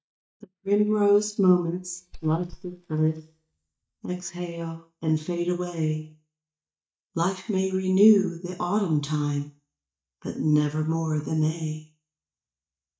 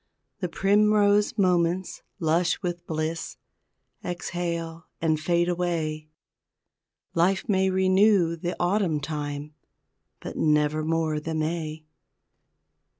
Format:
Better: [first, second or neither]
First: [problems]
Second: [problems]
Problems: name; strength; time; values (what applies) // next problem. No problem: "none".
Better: second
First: noise reduction (neural mask model DeepFilterNet 3)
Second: none